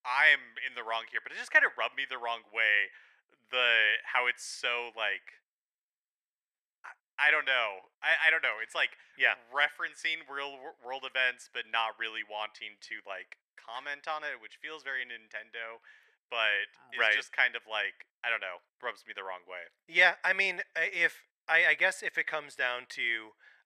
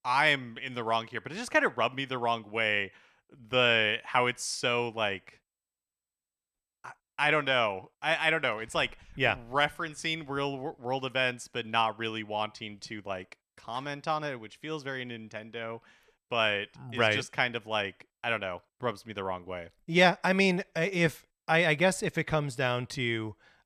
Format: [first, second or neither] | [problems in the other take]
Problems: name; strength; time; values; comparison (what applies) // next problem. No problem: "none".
second | thin; very; fading below 600 Hz